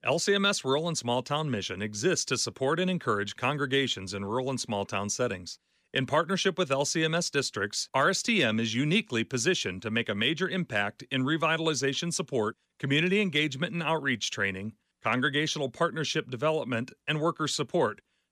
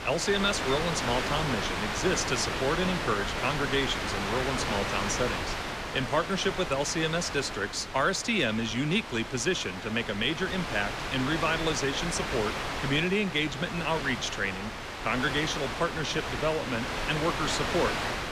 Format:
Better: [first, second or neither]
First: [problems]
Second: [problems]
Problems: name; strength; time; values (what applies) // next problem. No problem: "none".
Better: first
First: none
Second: wind noise on the microphone; heavy; 2 dB below the speech